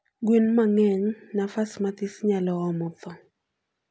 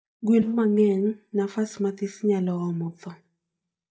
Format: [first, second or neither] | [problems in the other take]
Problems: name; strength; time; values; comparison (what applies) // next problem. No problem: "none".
first | noise reduction (neural mask model DeepFilterNet 3)